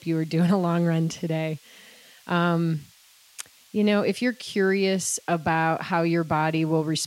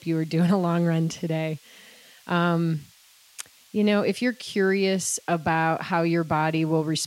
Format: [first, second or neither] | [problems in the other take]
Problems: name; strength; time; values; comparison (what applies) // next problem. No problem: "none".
neither | hiss; faint; throughout; 30 dB below the speech; the same in both